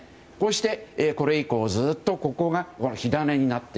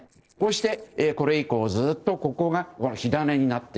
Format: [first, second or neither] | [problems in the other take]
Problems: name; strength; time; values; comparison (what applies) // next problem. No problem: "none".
first | noise reduction (neural separator model SepFormer DNS4)